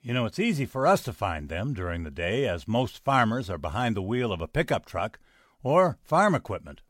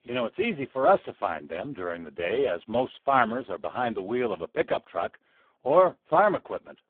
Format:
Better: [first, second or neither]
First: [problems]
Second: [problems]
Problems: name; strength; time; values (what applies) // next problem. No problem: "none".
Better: first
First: none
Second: phone-call audio; poor line